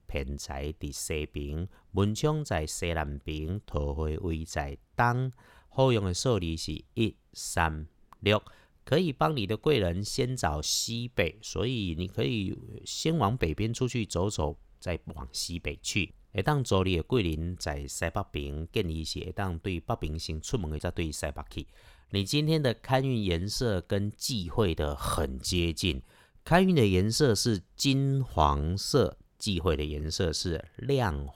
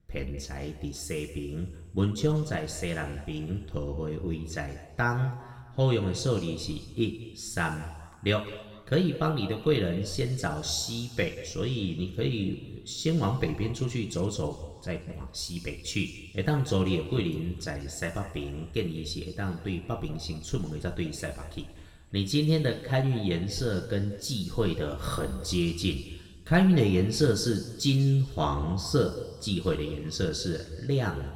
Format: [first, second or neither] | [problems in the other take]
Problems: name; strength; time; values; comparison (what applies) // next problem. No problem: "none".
first | room echo; noticeable; dies away in 1.6 s // off-mic speech; somewhat distant